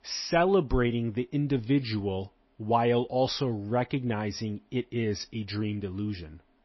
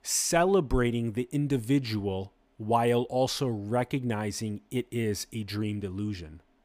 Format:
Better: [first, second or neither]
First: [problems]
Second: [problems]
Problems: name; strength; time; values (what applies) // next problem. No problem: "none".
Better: second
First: garbled, watery; slightly; nothing above 6 kHz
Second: none